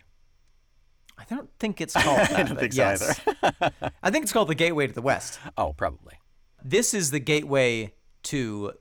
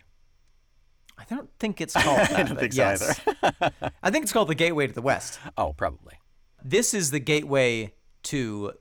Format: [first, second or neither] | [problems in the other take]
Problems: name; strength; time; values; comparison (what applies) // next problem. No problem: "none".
neither | none